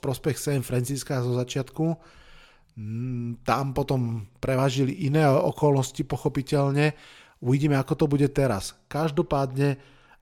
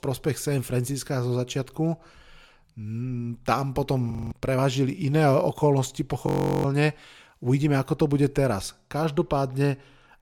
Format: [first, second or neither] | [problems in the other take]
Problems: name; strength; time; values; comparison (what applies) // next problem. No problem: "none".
first | audio freezing; at 4 s and at 6.5 s